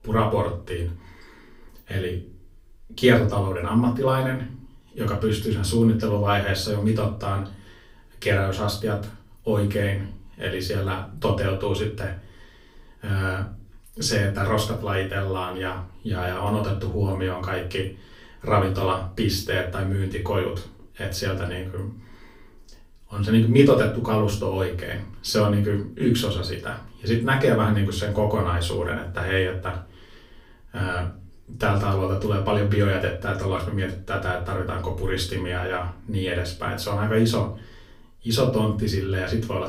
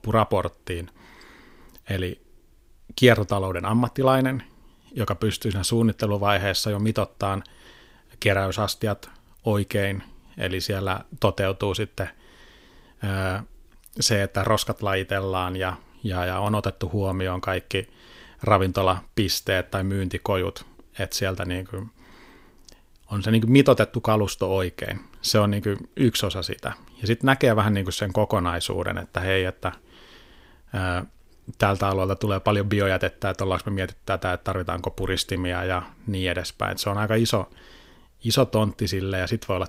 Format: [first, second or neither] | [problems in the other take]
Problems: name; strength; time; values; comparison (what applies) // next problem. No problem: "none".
second | off-mic speech; far // room echo; slight; dies away in 0.3 s